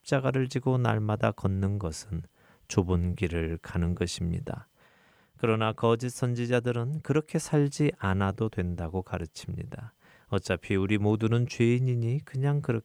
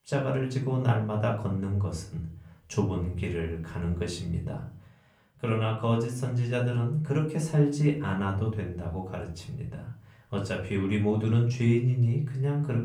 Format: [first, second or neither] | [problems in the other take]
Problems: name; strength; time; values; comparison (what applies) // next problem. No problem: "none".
first | off-mic speech; far // room echo; slight; dies away in 0.4 s